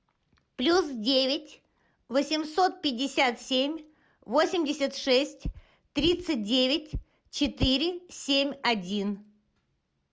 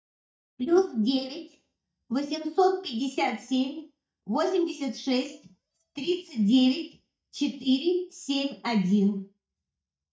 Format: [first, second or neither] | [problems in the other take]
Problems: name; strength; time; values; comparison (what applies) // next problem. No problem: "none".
first | noise reduction (neural mask model DeepFilterNet 3)